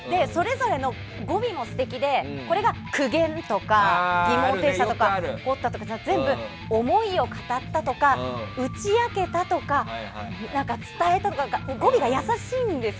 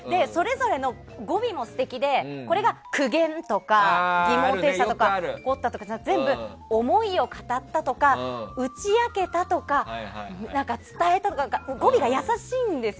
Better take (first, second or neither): second